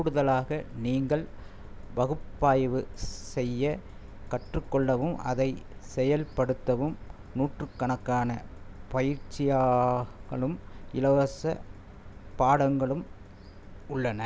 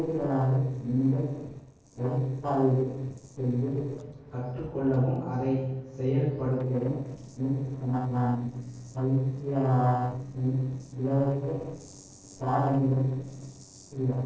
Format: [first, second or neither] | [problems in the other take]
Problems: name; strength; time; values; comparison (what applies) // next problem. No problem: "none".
first | noise reduction (neural separator model SepFormer DNS4)